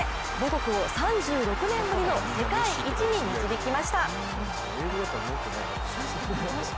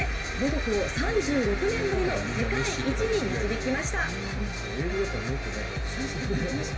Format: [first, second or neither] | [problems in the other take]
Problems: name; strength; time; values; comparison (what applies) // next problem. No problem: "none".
first | room echo; dies away in 2.3 s